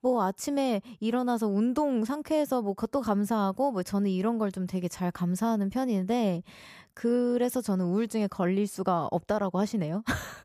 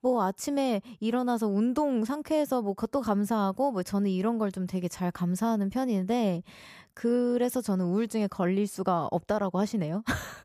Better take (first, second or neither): neither